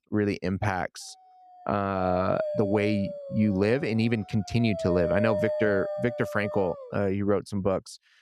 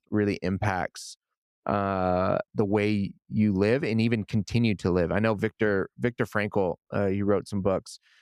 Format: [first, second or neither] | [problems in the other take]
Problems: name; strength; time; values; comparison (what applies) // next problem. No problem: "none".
second | dog barking; noticeable; from 2 to 7 s; peak 1 dB below the speech